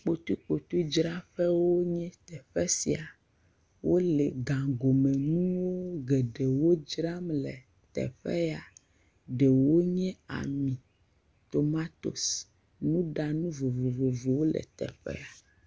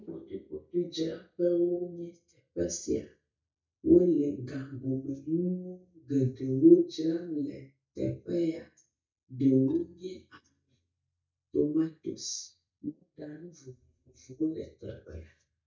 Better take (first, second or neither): first